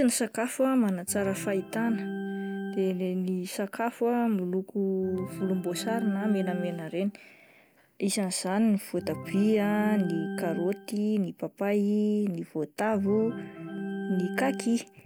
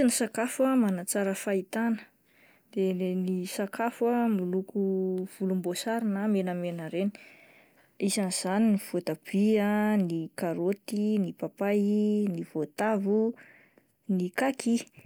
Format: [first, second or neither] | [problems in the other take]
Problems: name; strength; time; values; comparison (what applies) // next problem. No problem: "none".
second | background sound (Organ); 10 dB below the speech